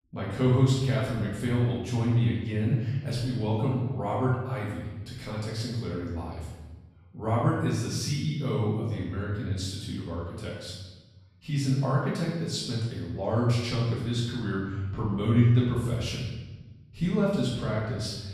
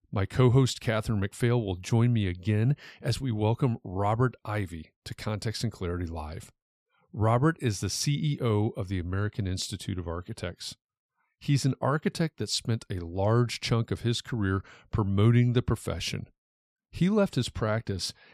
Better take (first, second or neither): second